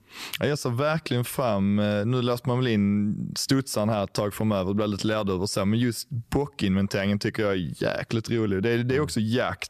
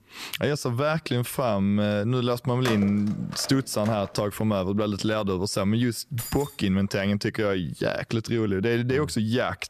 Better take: first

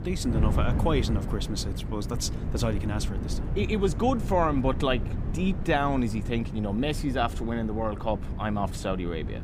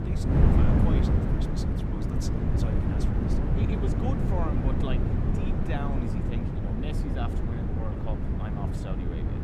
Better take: first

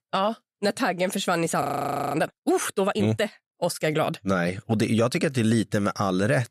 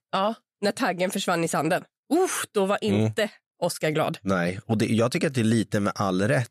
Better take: second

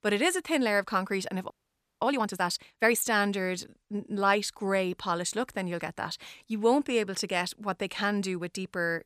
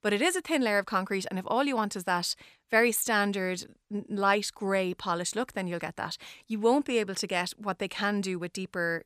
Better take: second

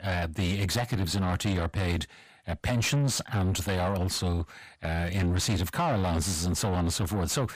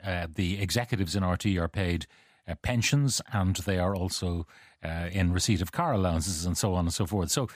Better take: second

